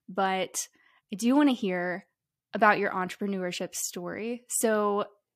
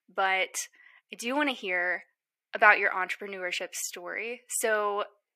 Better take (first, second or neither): first